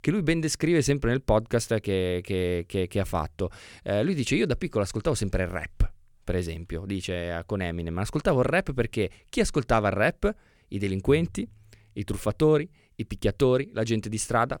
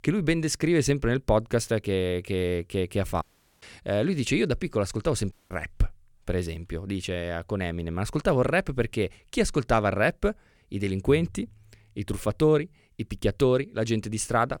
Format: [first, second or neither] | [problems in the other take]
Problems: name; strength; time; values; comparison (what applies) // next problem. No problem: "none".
first | audio cutting out; at 3 s and at 5.5 s